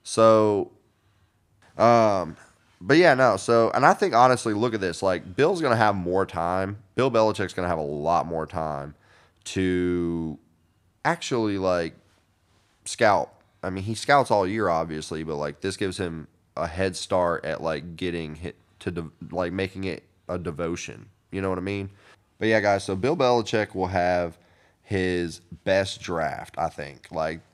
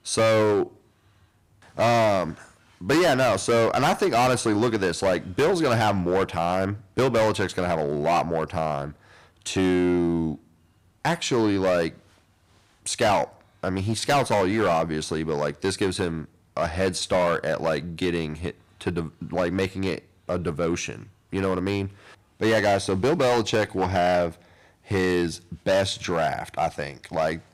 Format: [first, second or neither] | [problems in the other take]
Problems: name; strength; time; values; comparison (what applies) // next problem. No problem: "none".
first | distortion; heavy; 10% of the sound clipped